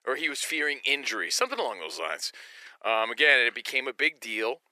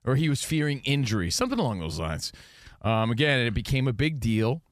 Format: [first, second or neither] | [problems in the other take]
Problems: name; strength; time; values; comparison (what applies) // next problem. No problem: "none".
second | thin; very; fading below 400 Hz